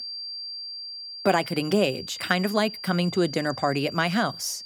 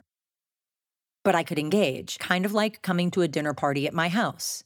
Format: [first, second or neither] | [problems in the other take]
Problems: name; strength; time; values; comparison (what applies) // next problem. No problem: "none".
second | high-pitched whine; noticeable; throughout; 4.5 kHz, 10 dB below the speech